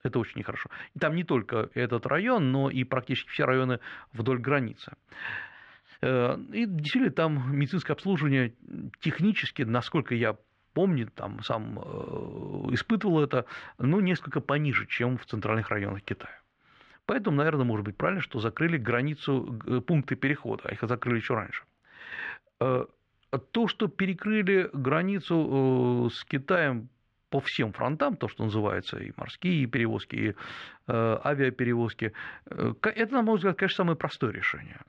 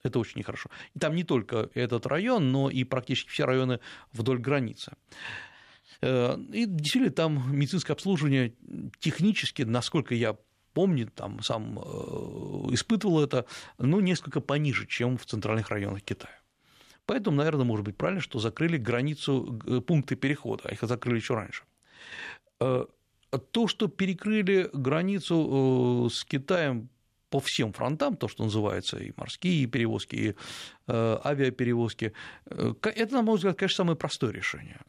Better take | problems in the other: second | muffled; slightly; fading above 2.5 kHz

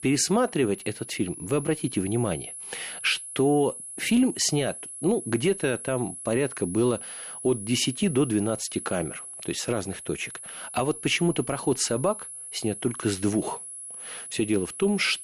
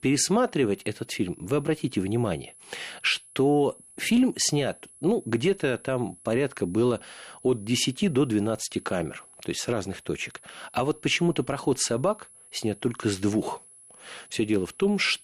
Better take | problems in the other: second | high-pitched whine; loud; throughout; 10.5 kHz, 10 dB below the speech; faint in the second

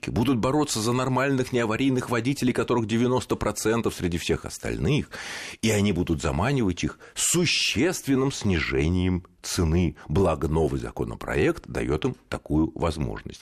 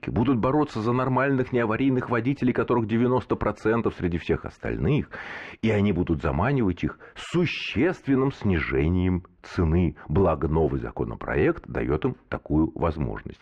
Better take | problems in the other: first | muffled; very; fading above 1.5 kHz

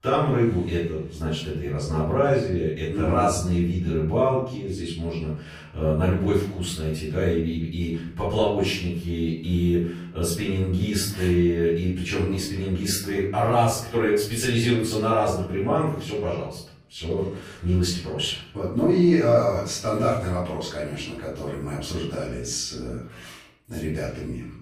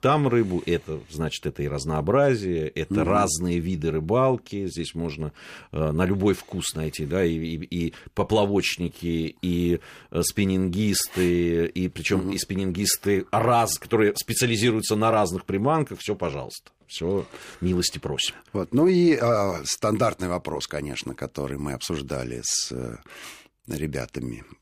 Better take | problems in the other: second | off-mic speech; far // room echo; noticeable; dies away in 0.6 s

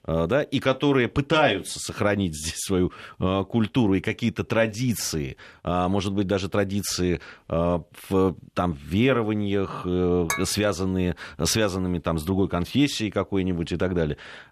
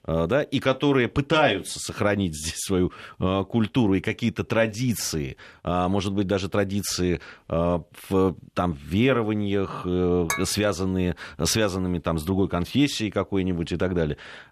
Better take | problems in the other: neither | clattering dishes; noticeable; at 10 s; peak 5 dB below the speech; the same in both

